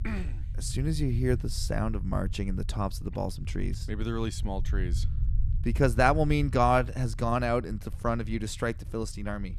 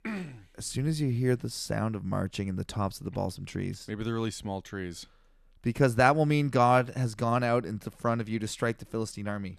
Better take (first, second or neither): second